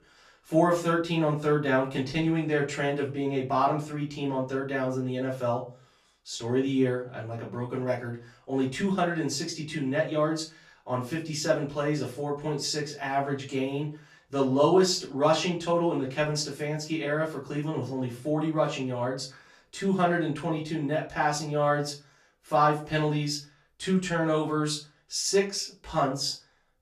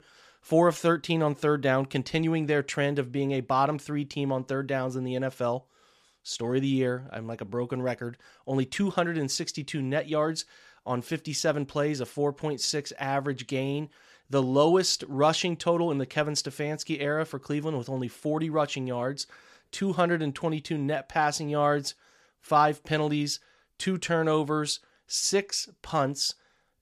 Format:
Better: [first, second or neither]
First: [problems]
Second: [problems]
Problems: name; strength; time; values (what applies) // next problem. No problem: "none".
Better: second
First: off-mic speech; far // room echo; slight; dies away in 0.3 s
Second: none